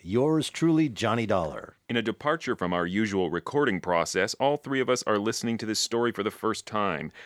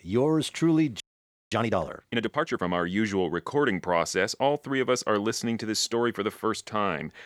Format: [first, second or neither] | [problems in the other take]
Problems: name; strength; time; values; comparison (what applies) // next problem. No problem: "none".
first | audio freezing; at 1 s for 0.5 s